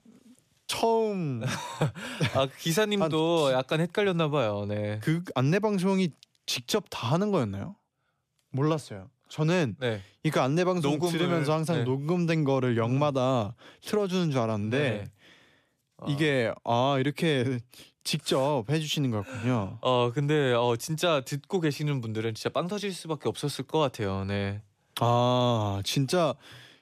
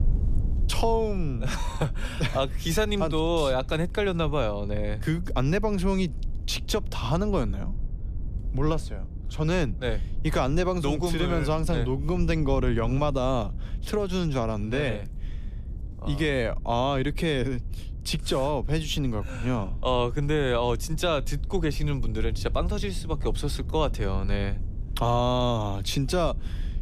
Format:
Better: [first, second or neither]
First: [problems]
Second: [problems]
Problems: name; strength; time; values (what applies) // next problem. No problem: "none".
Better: first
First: none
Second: low rumble; faint; throughout; 20 dB below the speech